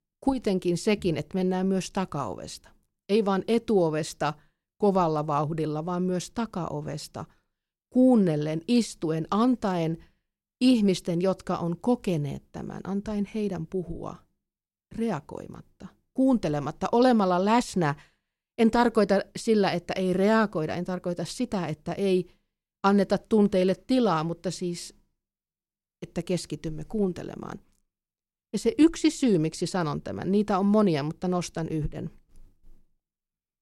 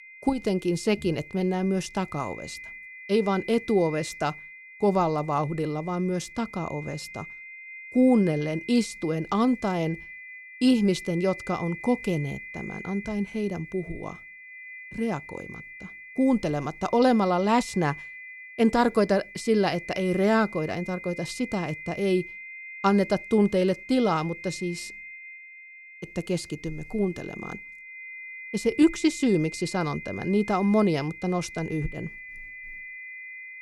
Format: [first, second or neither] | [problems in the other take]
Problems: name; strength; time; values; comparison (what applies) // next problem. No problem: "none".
first | high-pitched whine; noticeable; throughout; 2 kHz, 15 dB below the speech